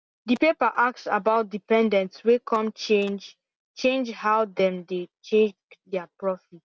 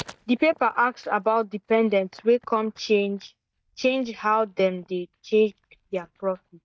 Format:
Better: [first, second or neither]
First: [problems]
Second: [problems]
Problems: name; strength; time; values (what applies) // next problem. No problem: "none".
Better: first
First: none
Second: noise reduction (neural mask model DeepFilterNet 3)